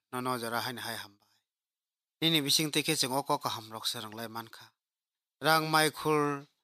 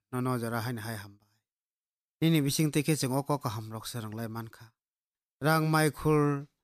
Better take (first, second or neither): second